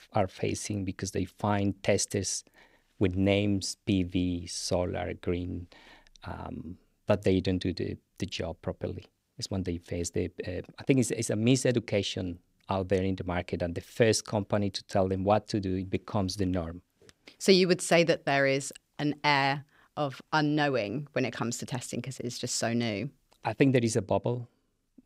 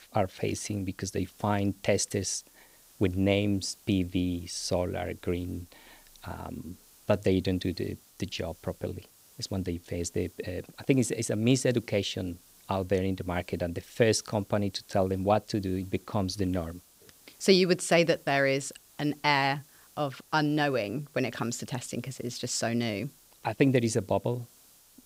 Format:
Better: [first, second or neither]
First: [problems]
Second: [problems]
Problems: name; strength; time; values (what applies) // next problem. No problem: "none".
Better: first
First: none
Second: hiss; faint; throughout; 25 dB below the speech